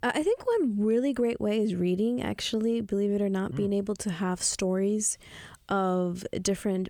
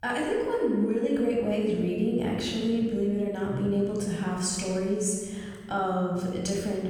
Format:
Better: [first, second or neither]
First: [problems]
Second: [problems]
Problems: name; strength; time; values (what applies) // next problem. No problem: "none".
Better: first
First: none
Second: off-mic speech; far // room echo; noticeable; dies away in 1.6 s